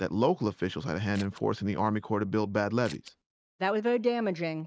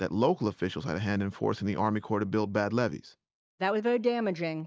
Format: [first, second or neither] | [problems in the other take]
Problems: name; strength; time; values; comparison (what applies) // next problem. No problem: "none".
second | noise reduction (neural mask model RNNoise)